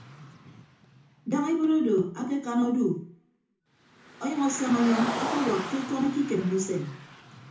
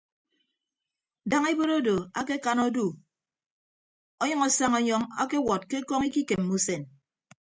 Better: second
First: background sound (Car); 11 dB below the speech // room echo; dies away in 0.6 s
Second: none

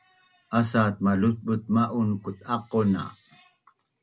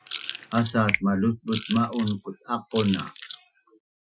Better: first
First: none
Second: noise reduction (classical method Wiener filter)

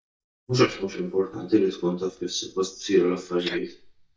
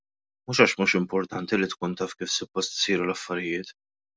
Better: second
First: noise reduction (neural mask model DeepFilterNet 3)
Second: none

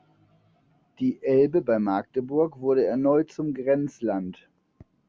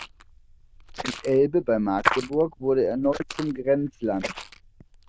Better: first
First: none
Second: noise reduction (neural diffusion model UNIVERSE++)

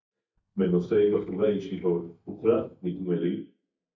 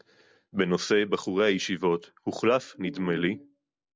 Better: second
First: noise reduction (neural mask model DeepFilterNet 3)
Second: none

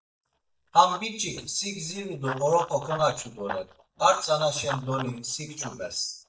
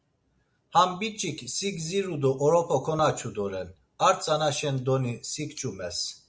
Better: second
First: noise reduction (neural mask model DeepFilterNet 3)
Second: none

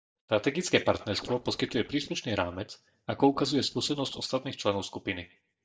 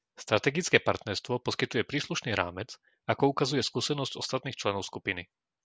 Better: second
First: noise reduction (neural mask model DeepFilterNet 3)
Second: none

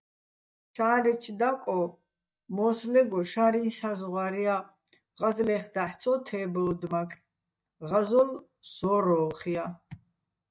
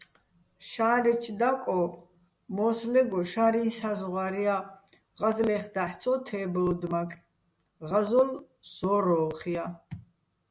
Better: second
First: noise reduction (neural mask model DeepFilterNet 3)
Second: none

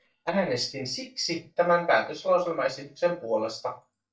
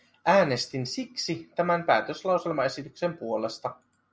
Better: second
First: noise reduction (neural mask model DeepFilterNet 3)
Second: none

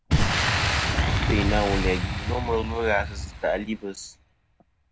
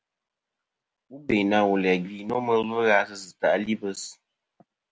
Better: second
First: background sound (Boom); 3 dB above the speech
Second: none

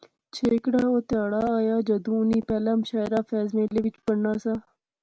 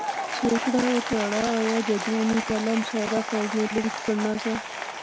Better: first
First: none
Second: background sound (Applause / Crowd); 6 dB below the speech

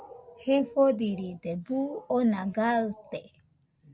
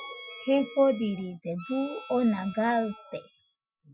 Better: first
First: none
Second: noise reduction (classical method Wiener filter)

